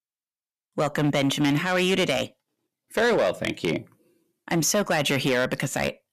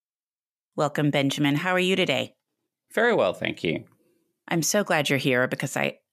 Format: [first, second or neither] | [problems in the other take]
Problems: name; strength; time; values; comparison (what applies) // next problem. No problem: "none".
second | distortion; slight; 7% of the sound clipped